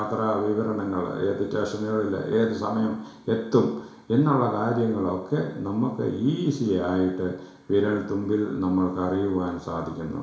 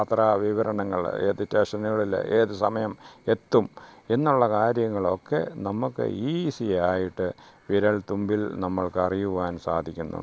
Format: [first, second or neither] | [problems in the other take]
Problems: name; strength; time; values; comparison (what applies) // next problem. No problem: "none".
second | room echo; dies away in 0.7 s